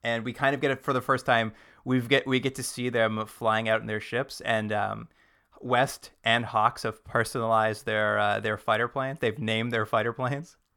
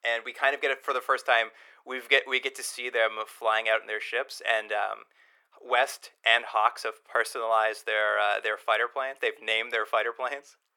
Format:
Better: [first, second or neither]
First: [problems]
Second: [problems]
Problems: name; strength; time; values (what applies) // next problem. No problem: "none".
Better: first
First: none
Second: thin; very; fading below 400 Hz